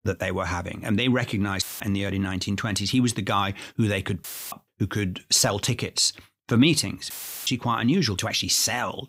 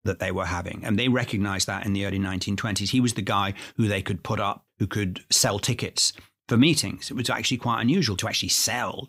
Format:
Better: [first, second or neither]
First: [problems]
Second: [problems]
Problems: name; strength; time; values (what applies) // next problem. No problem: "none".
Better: second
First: audio cutting out; filled with static; at 1.5 s, at 4 s and at 7 s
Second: none